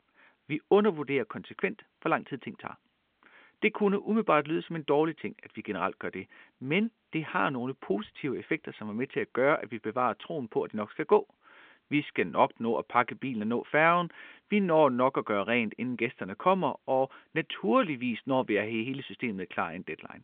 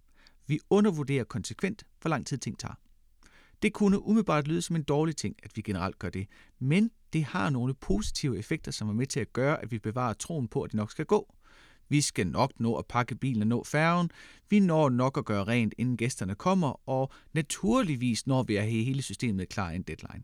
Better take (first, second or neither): second